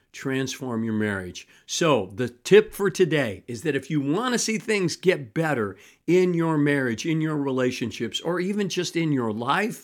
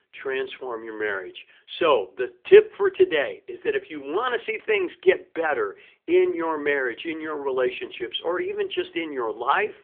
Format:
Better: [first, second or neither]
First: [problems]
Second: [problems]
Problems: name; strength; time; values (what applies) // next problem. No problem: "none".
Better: first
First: none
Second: phone-call audio; nothing above 3.5 kHz